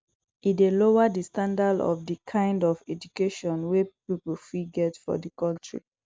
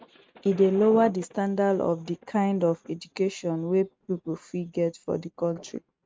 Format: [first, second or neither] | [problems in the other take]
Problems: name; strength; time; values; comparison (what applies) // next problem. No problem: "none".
first | noise reduction (neural mask model RNNoise)